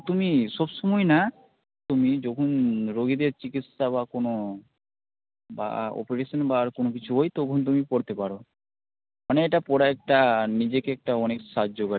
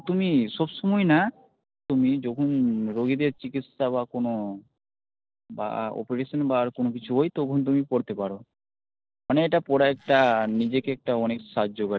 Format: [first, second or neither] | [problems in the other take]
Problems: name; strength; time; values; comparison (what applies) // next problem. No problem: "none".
first | noise reduction (neural separator model SepFormer DNS4)